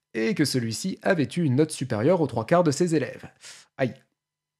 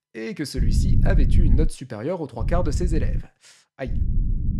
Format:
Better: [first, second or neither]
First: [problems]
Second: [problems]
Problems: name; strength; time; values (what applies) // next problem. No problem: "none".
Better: first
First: none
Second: low rumble; loud; from 0.5 to 1.5 s, at 2.5 s and at 4 s; 7 dB below the speech